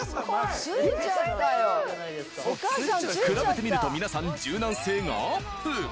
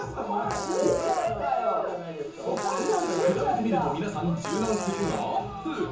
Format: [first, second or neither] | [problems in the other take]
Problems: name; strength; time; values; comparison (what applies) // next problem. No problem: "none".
first | background sound (Fart); 10 dB below the speech // room echo; dies away in 0.6 s